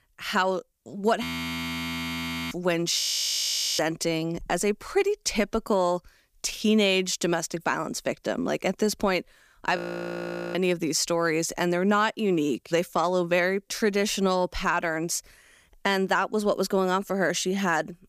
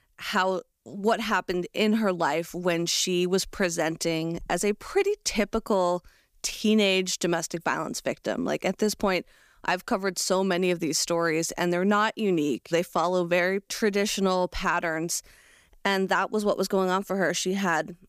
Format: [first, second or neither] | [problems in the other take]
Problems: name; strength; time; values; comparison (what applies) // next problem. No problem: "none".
second | audio freezing; at 1 s for 1.5 s, at 3 s for 1 s and at 10 s for 1 s